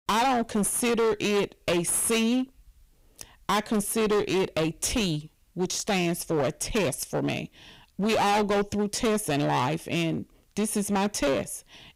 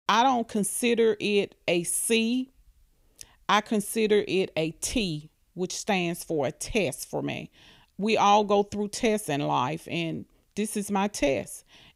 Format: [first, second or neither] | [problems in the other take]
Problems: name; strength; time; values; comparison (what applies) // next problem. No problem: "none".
second | distortion; heavy; 18% of the sound clipped